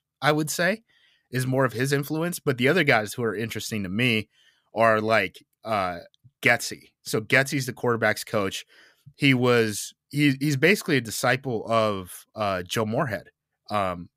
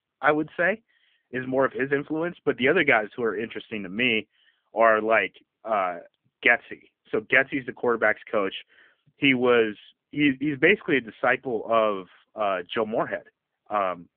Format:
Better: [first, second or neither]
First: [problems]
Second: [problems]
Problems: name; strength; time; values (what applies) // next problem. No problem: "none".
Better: first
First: none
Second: phone-call audio; poor line; nothing above 3 kHz